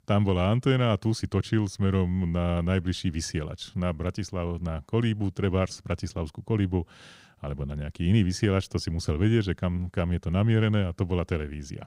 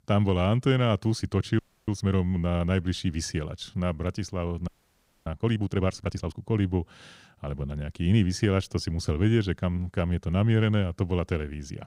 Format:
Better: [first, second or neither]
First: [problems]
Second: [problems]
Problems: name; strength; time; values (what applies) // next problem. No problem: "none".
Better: first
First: none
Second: audio freezing; at 1.5 s and at 4.5 s for 0.5 s